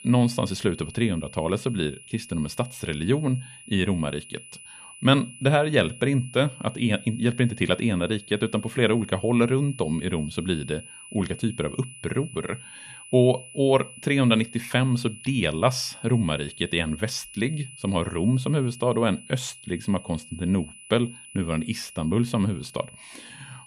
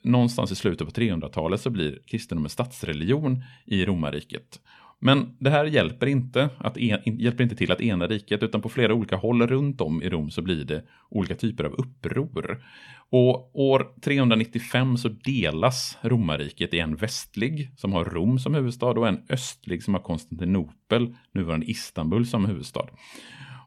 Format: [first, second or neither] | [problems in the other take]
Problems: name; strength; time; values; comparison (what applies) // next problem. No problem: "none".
second | high-pitched whine; noticeable; throughout; 10 kHz, 15 dB below the speech